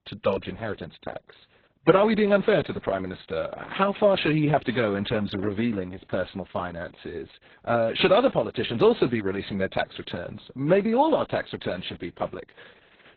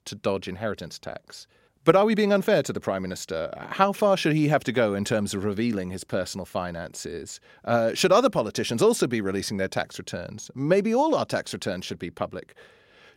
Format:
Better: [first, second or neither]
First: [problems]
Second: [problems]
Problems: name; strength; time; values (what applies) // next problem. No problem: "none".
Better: second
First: garbled, watery; badly; nothing above 4 kHz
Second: none